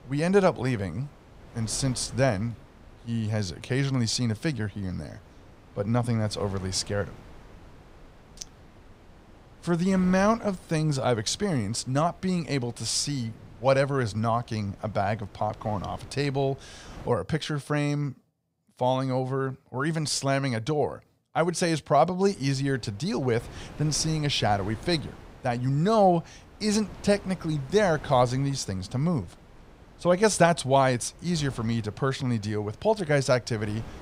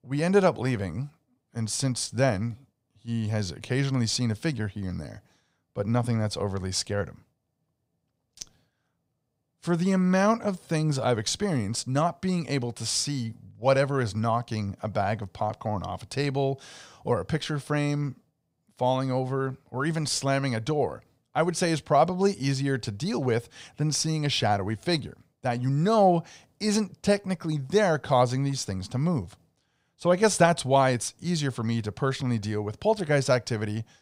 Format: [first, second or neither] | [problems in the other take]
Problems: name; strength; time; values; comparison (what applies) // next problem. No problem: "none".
second | wind noise on the microphone; occasional gusts; until 17 s and from 22 s on; 25 dB below the speech